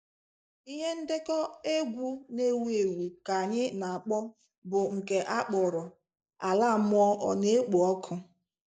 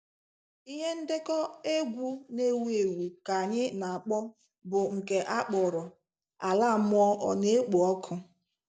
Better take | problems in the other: second | noise reduction (neural mask model Resemble Enhance denoiser)

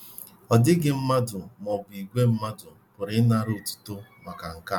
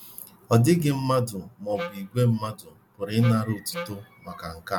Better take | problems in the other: first | background sound (Wind instrument, woodwind instrument); 11 dB below the speech

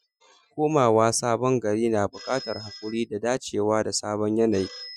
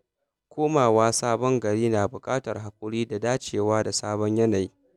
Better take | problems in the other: second | noise reduction (classical method Wiener filter)

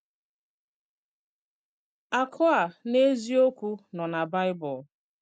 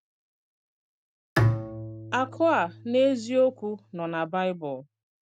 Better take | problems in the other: first | background sound (Bowed string instrument); 4 dB below the speech

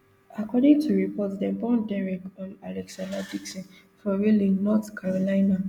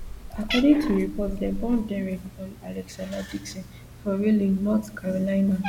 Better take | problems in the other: first | background sound (Cat); 11 dB below the speech

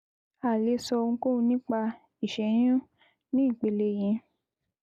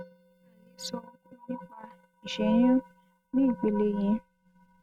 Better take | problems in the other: first | noise reduction (neural mask model RNNoise)

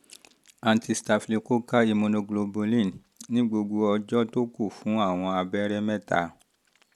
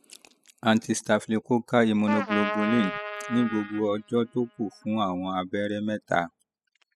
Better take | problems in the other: first | noise reduction (classical method spectral subtraction)

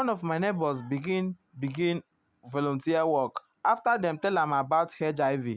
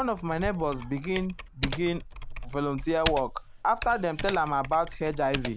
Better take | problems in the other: first | background sound (Typing); 8 dB below the speech

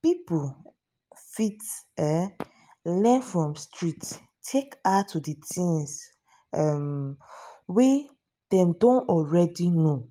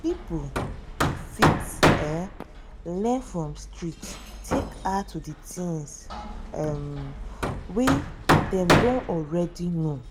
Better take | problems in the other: first | background sound (Hammer); 2 dB above the speech

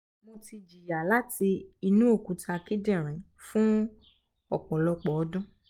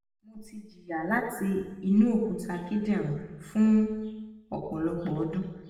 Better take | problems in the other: first | room echo; dies away in 1.1 s

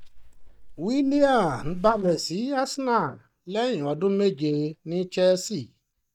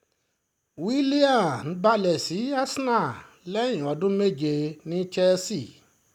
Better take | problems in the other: second | noise reduction (neural mask model DeepFilterNet 3)

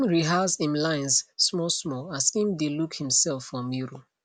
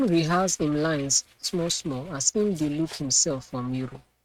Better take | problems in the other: first | noise reduction (neural mask model RNNoise)

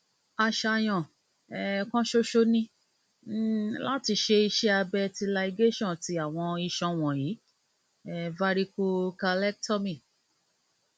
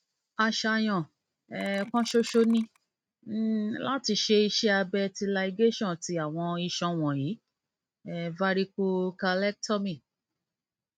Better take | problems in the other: first | noise reduction (neural mask model RNNoise)

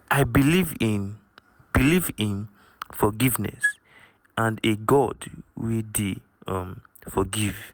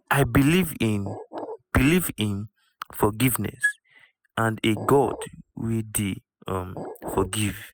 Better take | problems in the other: first | noise reduction (classical method spectral subtraction)

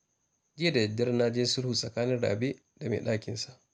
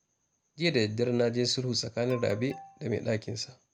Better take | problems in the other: first | background sound (Alarm); 19 dB below the speech

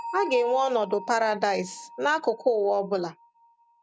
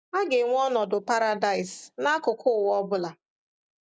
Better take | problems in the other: second | background sound (Bell); 14 dB below the speech

